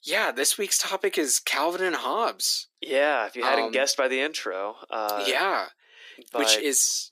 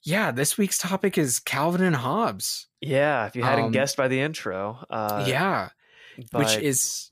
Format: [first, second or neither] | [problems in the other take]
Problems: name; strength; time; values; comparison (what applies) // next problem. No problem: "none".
second | thin; somewhat; fading below 300 Hz